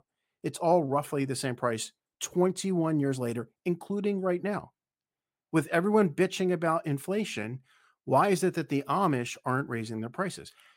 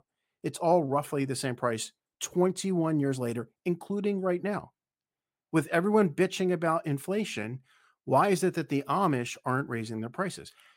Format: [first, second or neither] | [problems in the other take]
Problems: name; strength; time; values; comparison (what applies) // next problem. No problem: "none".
neither | none